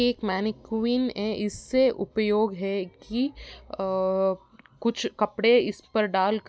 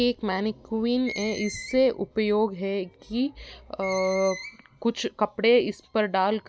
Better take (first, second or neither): first